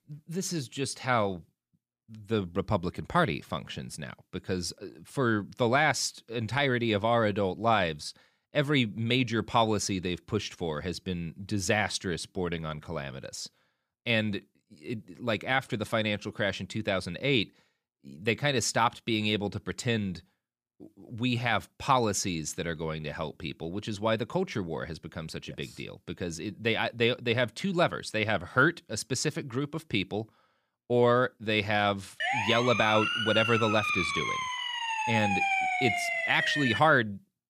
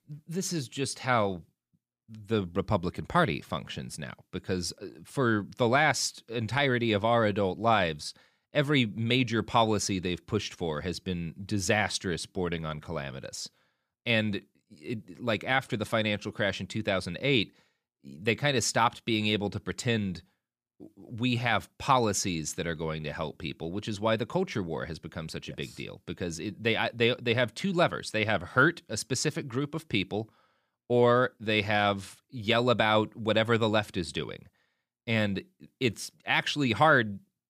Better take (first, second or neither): second